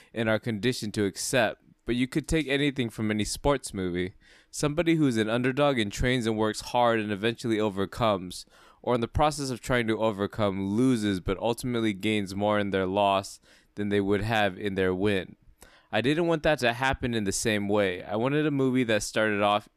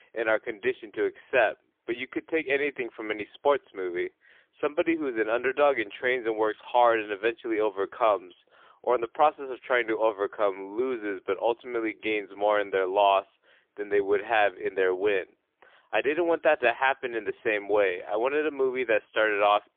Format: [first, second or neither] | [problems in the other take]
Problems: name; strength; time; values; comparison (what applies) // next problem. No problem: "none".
first | phone-call audio; poor line; nothing above 3.5 kHz